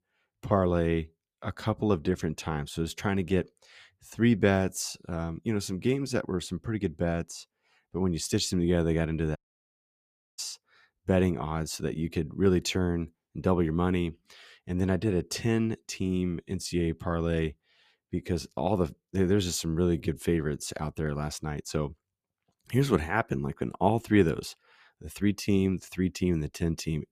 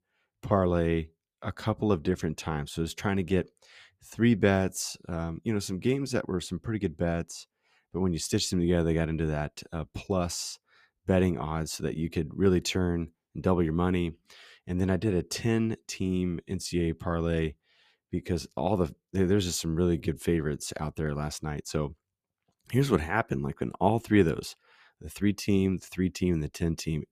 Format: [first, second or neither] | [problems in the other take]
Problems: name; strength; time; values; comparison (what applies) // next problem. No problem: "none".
second | audio cutting out; at 9.5 s for 1 s